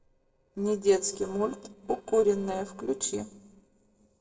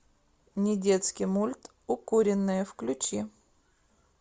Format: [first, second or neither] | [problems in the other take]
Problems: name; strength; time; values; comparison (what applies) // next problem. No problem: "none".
second | noise reduction (neural separator model SepFormer DNS4)